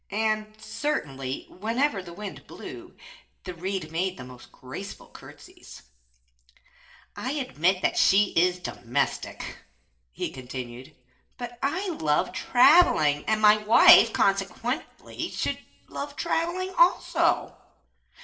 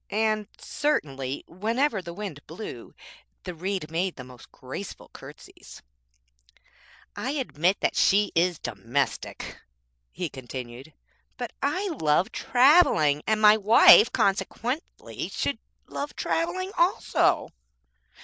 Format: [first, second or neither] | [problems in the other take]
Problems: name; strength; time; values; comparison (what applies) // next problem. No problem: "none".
second | room echo; dies away in 0.5 s